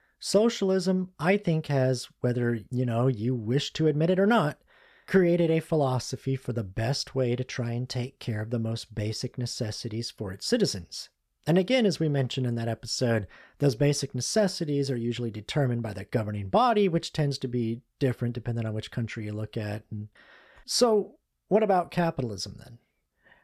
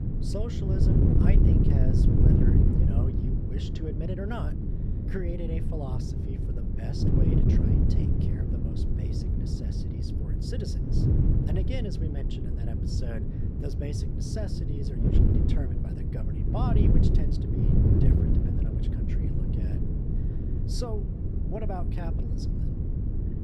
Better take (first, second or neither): first